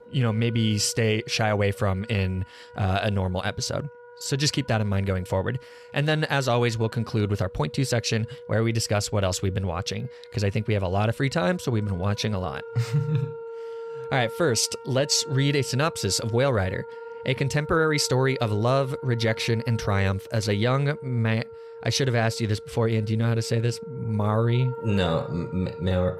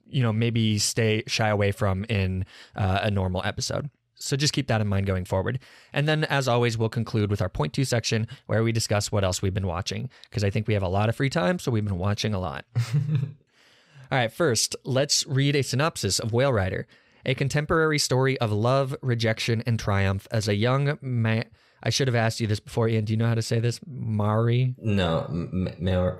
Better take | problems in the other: second | background music; noticeable; throughout; 15 dB below the speech

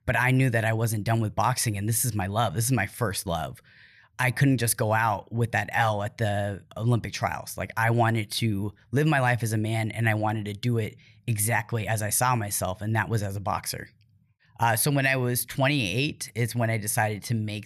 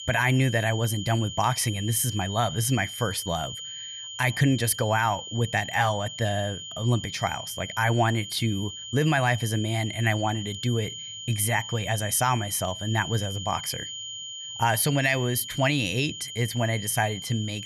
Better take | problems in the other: first | high-pitched whine; loud; throughout; 3 kHz, 9 dB below the speech

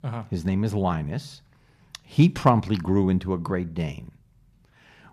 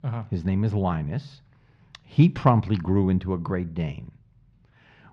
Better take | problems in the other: first | muffled; very slightly; fading above 3.5 kHz

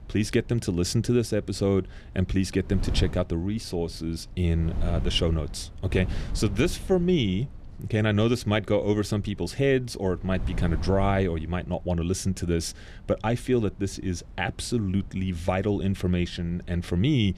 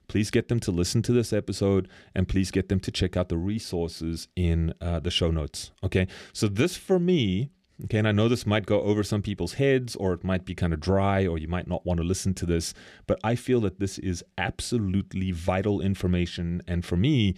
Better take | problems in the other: second | wind noise on the microphone; occasional gusts; 20 dB below the speech

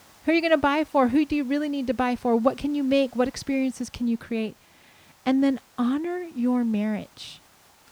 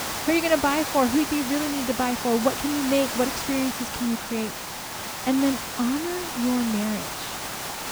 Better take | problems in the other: first | hiss; loud; throughout; 4 dB below the speech; faint in the first

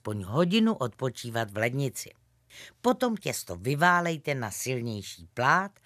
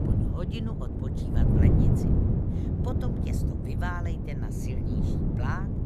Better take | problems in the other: first | wind noise on the microphone; heavy; 4 dB above the speech

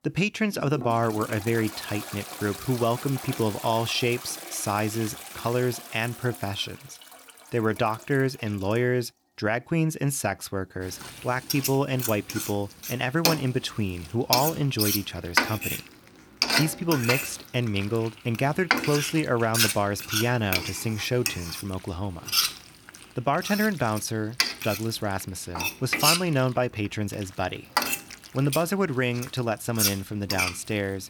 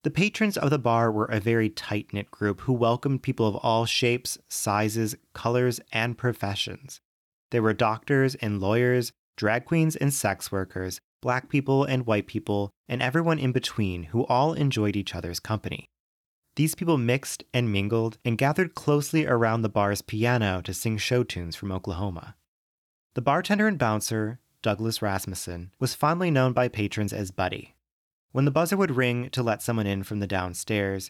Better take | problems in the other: second | household noises; loud; throughout; 1 dB below the speech

